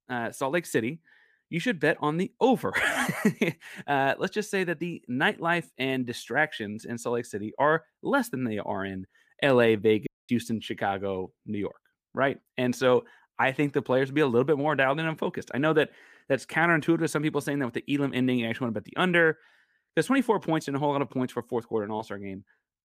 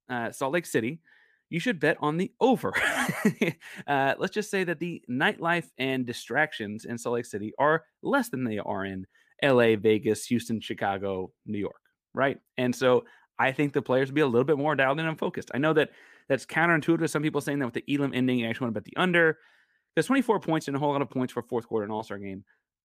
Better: second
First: audio cutting out; at 10 s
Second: none

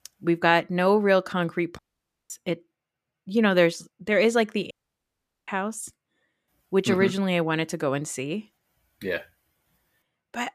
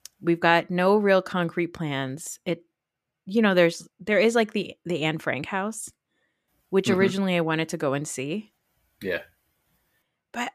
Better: second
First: audio cutting out; at 2 s for 0.5 s and at 4.5 s for 1 s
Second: none

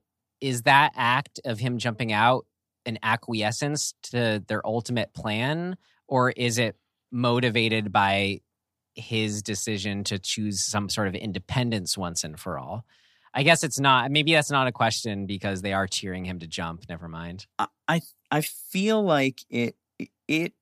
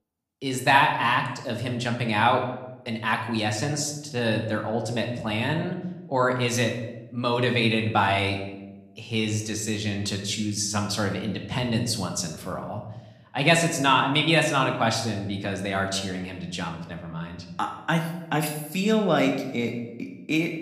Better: first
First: none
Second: room echo; slight; dies away in 0.8 s

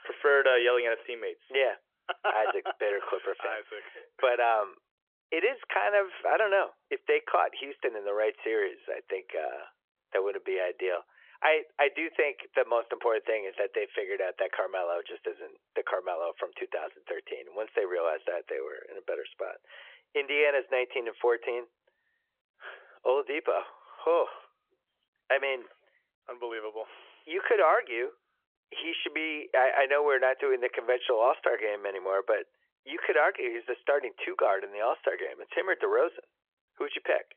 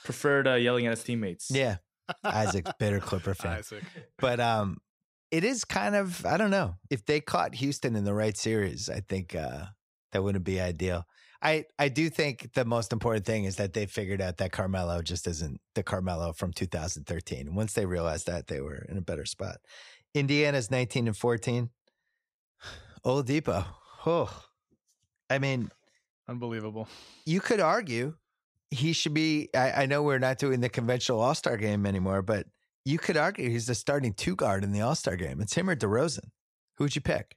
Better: second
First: phone-call audio; nothing above 3.5 kHz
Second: none

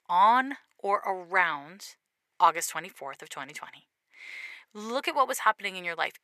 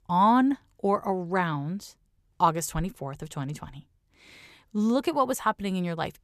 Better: second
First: thin; very; fading below 600 Hz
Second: none

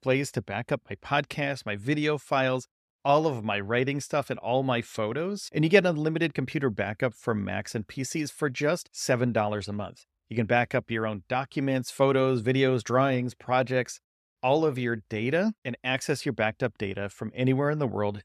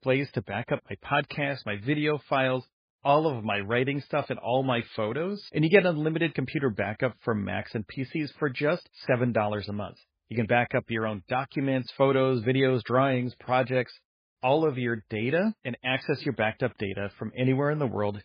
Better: first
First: none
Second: garbled, watery; badly; nothing above 5 kHz

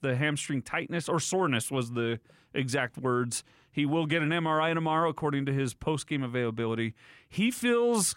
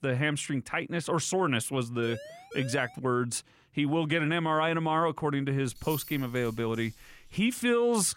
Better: first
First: none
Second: siren; faint; at 2 s; peak 15 dB below the speech // jangling keys; faint; from 5.5 to 7.5 s; peak 10 dB below the speech

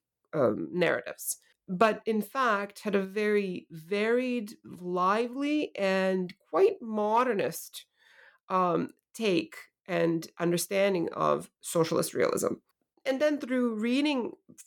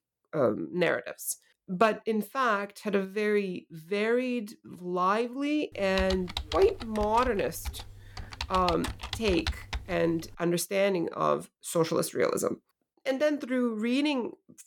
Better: first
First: none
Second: keyboard typing; noticeable; from 6 to 10 s; peak 5 dB below the speech

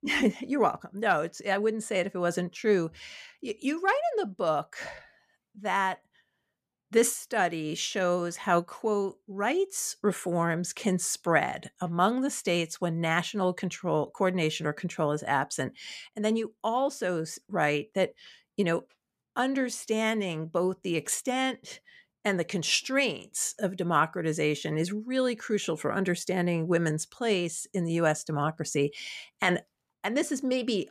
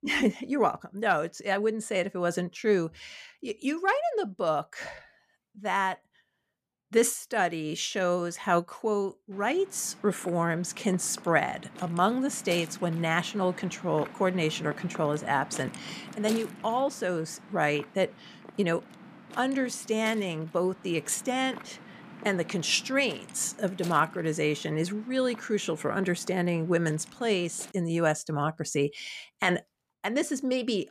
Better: first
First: none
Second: wind noise on the microphone; occasional gusts; from 9.5 to 28 s; 20 dB below the speech

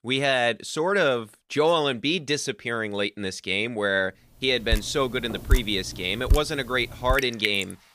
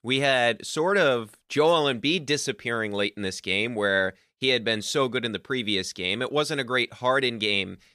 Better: second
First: rain or running water; loud; from 4.5 s on; 5 dB below the speech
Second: none

